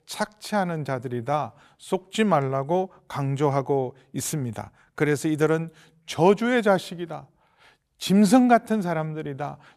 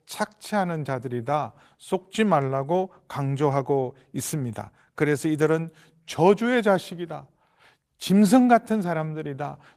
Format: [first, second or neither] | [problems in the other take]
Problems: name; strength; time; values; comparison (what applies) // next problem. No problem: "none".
first | garbled, watery; slightly; nothing above 15 kHz